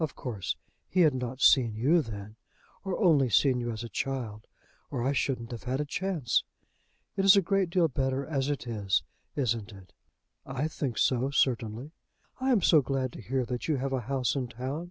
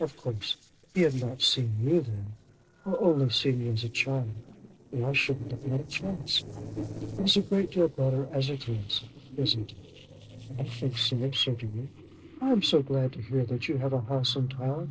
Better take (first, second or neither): first